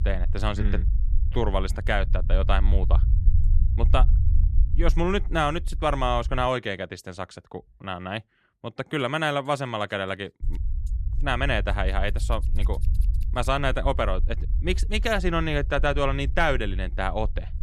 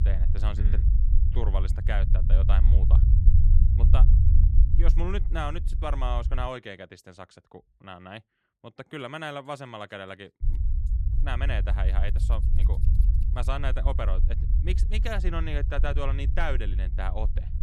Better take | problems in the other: first | low rumble; loud; until 6.5 s and from 10 s on; 9 dB below the speech; faint in the first

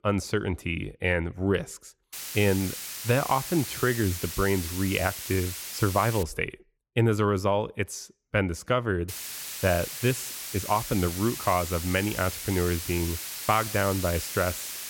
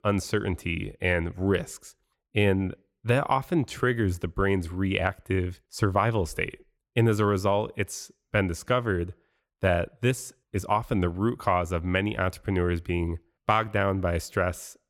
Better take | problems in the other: second | hiss; loud; from 2 to 6 s and from 9 s on; 7 dB below the speech

